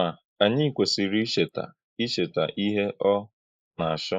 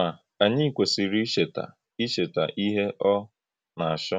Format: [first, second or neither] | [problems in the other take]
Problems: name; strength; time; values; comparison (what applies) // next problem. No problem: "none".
second | noise reduction (neural mask model Resemble Enhance denoiser)